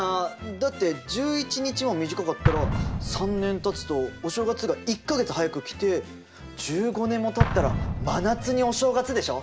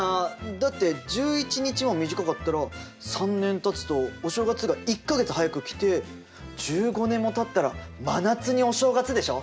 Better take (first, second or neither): second